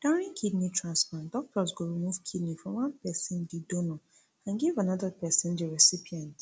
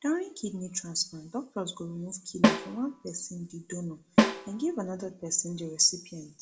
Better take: first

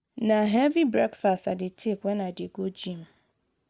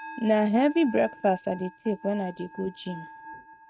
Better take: first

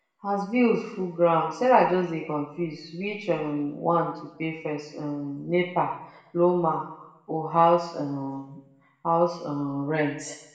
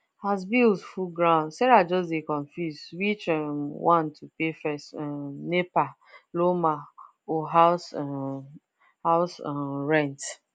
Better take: second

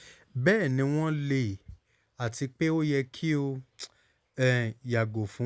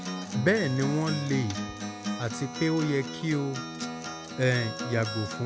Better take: first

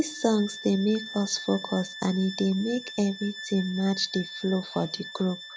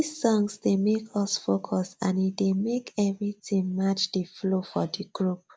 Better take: second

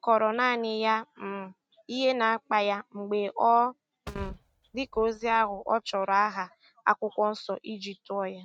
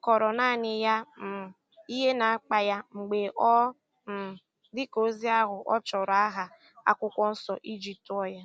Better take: second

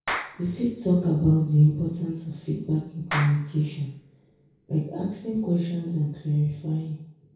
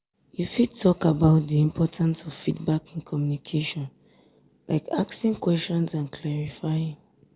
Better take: second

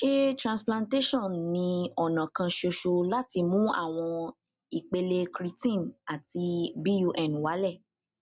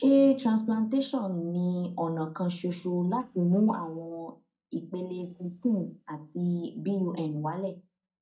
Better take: first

